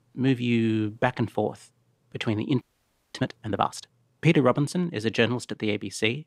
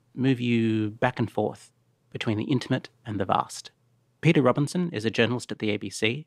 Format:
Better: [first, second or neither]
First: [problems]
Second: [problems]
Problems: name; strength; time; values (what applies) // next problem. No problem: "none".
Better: second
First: audio freezing; at 2.5 s for 0.5 s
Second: none